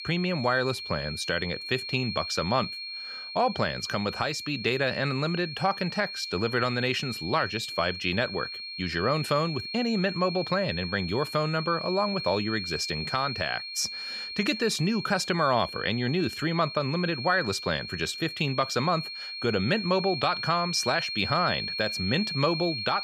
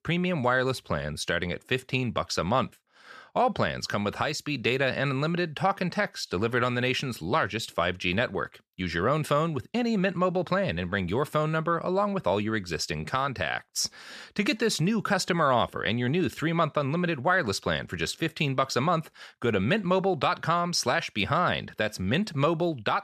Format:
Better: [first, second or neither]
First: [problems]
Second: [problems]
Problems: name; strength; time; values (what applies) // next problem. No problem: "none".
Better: second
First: high-pitched whine; loud; throughout; 4.5 kHz, 6 dB below the speech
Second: none